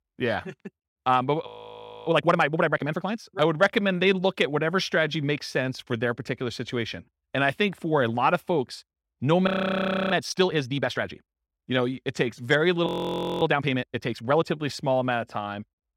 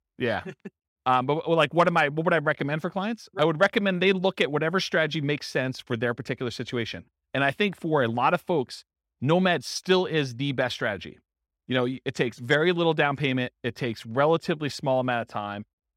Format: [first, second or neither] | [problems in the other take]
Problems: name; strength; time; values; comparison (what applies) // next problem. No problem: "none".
second | audio freezing; at 1.5 s for 0.5 s, at 9.5 s for 0.5 s and at 13 s for 0.5 s